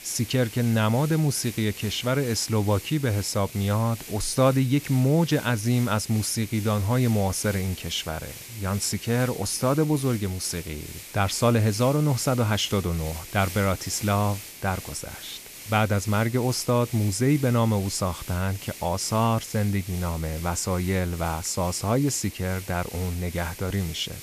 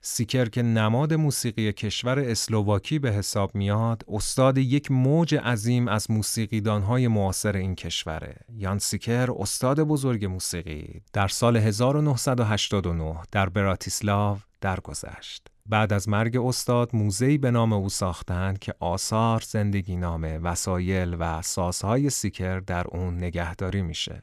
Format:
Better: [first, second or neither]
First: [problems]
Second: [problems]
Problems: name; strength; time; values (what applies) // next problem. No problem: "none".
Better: second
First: hiss; noticeable; throughout; 15 dB below the speech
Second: none